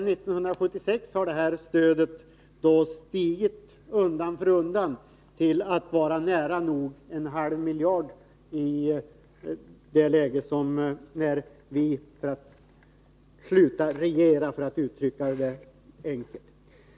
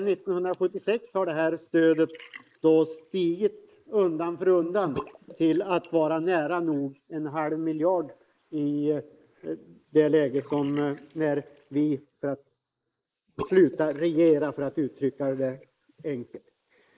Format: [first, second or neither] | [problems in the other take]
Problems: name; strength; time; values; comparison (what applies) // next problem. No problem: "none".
first | noise reduction (neural mask model Resemble Enhance denoiser)